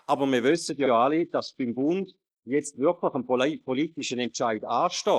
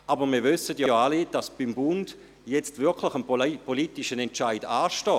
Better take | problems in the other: second | noise reduction (neural mask model Resemble Enhance denoiser)

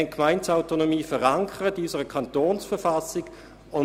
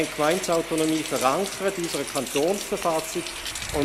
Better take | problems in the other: first | background sound (Rain); 8 dB below the speech

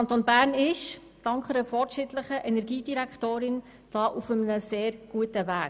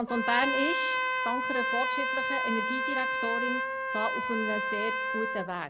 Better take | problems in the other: first | background sound (Trumpet); 3 dB above the speech

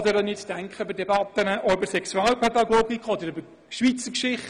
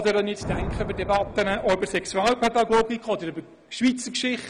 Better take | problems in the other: first | background sound (Thunder); 12 dB below the speech

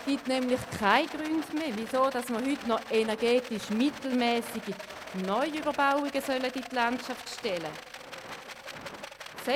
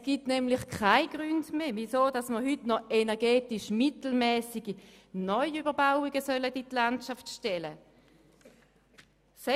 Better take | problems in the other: second | background sound (Rattle); 12 dB below the speech

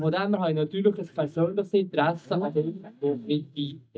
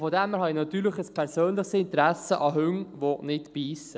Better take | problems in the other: second | noise reduction (neural mask model DeepFilterNet 3)

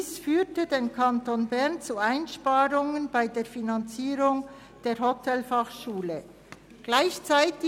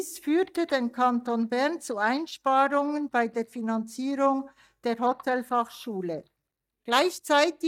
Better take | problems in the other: first | noise reduction (neural mask model DeepFilterNet 3)

